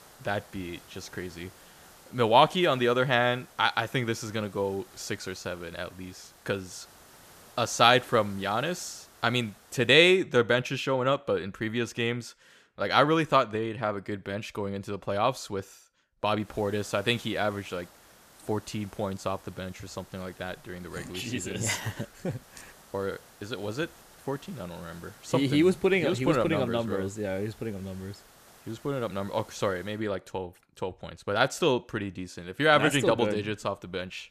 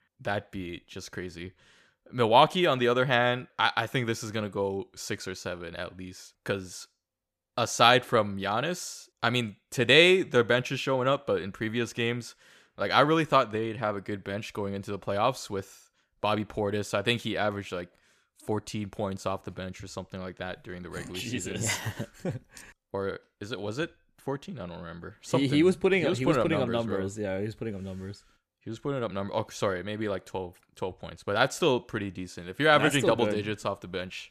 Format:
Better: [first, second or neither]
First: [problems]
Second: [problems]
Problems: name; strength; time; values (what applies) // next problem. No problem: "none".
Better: second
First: hiss; faint; until 10 s and from 16 to 30 s; 25 dB below the speech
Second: none